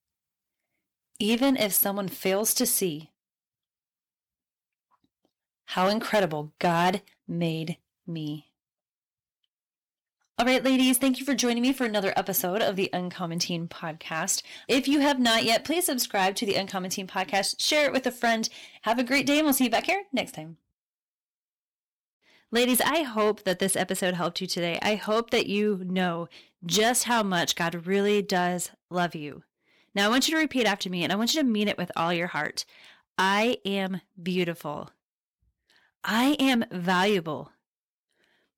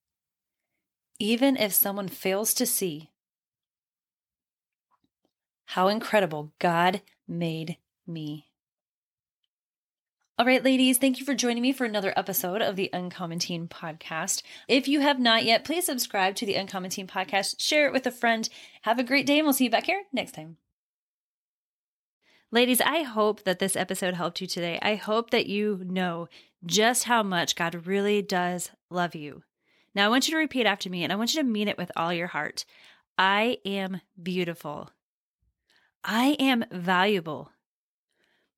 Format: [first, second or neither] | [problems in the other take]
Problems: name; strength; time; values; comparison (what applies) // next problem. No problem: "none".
second | distortion; slight; 5% of the sound clipped